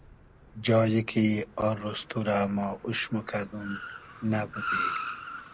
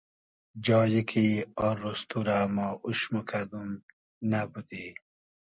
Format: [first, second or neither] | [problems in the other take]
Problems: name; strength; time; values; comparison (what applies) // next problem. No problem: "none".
second | background sound (Car); 9 dB below the speech